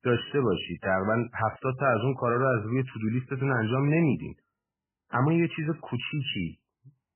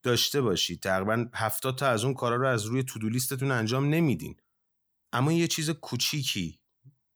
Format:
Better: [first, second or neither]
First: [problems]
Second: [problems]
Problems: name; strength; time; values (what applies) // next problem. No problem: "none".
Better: second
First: garbled, watery; badly; nothing above 3 kHz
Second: none